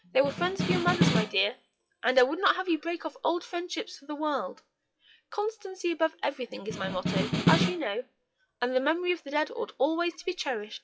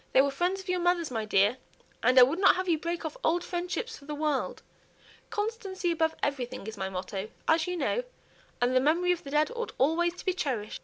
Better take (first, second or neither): second